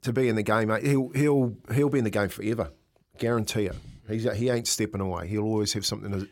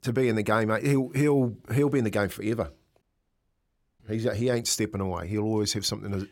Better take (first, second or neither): first